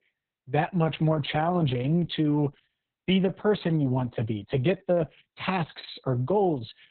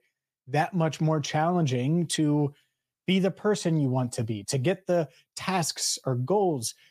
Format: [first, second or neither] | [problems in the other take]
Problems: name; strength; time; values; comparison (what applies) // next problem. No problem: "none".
second | garbled, watery; badly; nothing above 4 kHz